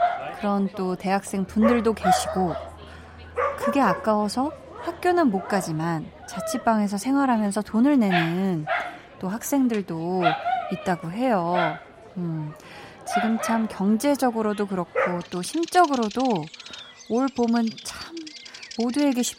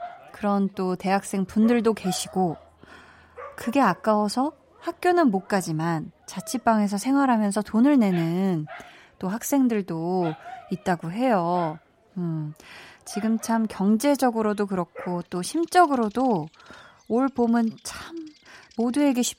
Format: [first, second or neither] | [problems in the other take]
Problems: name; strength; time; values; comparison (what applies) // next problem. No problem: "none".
second | animal sounds; loud; throughout; 6 dB below the speech; faint in the second